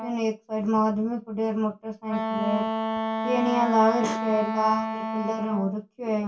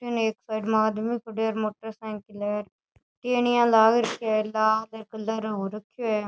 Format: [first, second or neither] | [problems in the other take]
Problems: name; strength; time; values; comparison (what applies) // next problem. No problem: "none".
second | background sound (Wind instrument, woodwind instrument); 5 dB below the speech // room echo; dies away in 0.2 s